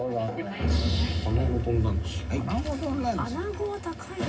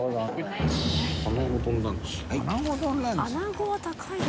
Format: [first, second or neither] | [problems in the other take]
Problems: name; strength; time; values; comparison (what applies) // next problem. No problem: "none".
second | room echo; dies away in 0.4 s